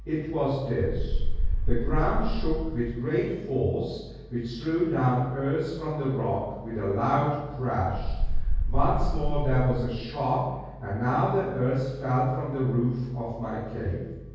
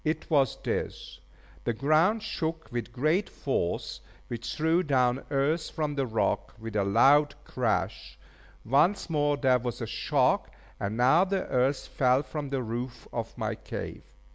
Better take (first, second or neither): second